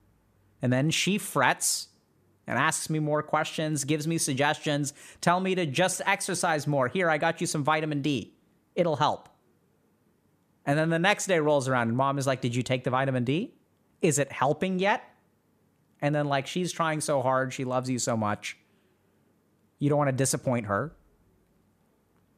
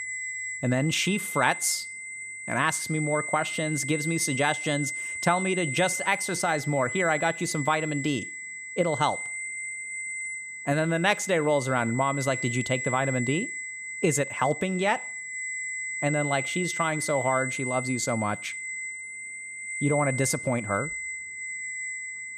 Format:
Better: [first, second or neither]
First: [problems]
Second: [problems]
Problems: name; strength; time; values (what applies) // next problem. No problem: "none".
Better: first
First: none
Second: high-pitched whine; loud; throughout; 2 kHz, 5 dB below the speech